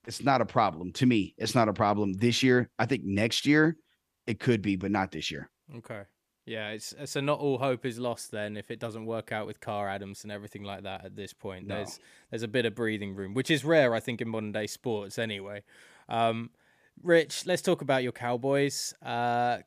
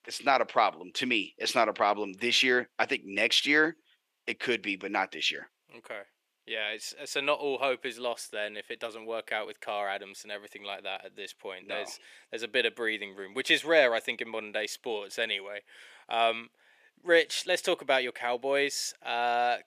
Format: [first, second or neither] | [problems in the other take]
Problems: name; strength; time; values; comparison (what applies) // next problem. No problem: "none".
first | thin; somewhat; fading below 450 Hz